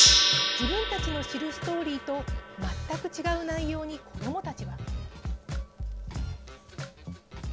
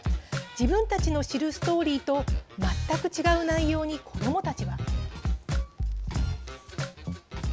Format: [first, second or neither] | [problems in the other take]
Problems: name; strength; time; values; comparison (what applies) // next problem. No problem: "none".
second | background sound (Gong); 2 dB above the speech